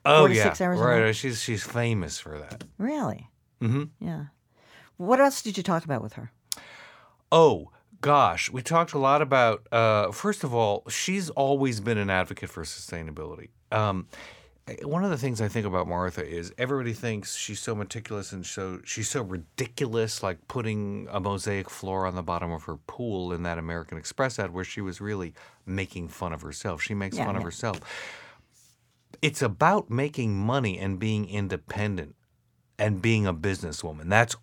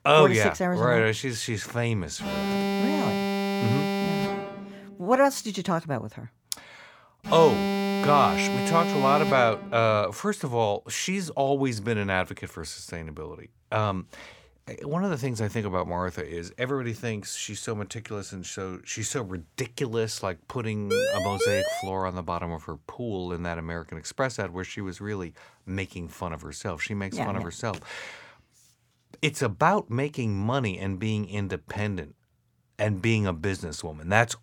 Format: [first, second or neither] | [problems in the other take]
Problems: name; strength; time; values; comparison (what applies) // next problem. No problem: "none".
first | alarm; loud; from 2 to 10 s; peak 1 dB above the speech // siren; loud; at 21 s; peak 2 dB above the speech